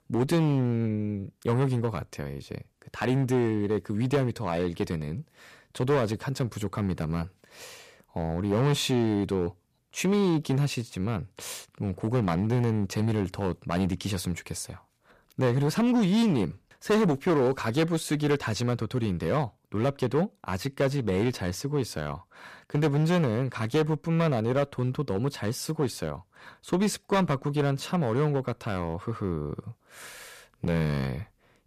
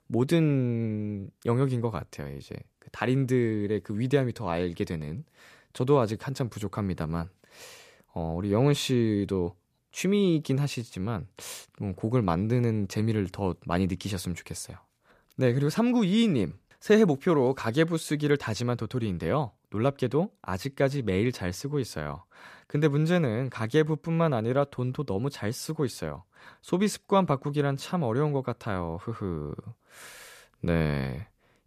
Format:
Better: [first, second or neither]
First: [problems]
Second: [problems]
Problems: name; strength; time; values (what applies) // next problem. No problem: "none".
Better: second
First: distortion; slight; 6% of the sound clipped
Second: none